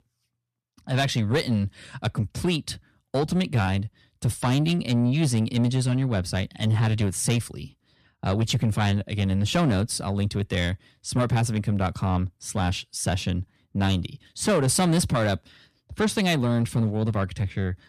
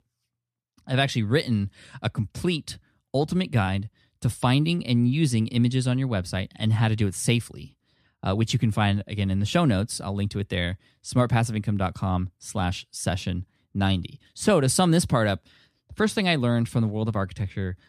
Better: second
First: distortion; slight; 10 dB below the speech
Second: none

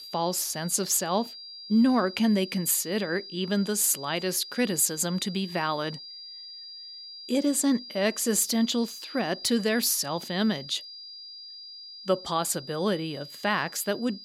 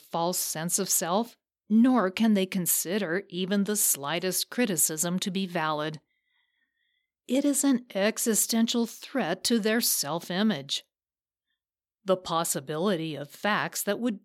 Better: second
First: high-pitched whine; noticeable; throughout; 5 kHz, 15 dB below the speech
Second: none

